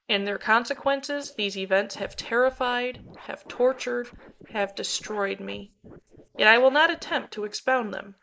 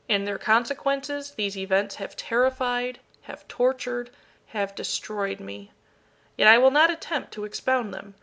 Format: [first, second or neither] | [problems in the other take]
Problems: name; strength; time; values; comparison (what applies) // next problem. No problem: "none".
second | noise reduction (neural mask model Resemble Enhance denoiser)